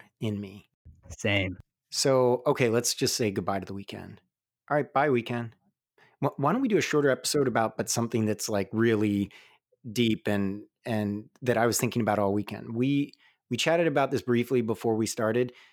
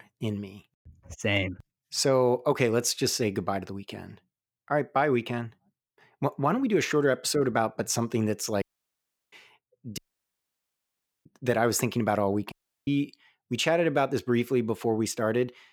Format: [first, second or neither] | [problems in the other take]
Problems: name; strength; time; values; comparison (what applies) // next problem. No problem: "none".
first | audio cutting out; at 8.5 s for 0.5 s, at 10 s for 1.5 s and at 13 s